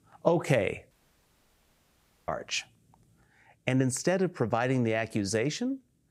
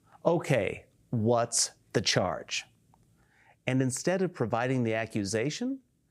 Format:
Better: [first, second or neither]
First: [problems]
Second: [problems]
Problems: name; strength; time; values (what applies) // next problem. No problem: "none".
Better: second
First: audio cutting out; at 1 s for 1.5 s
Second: none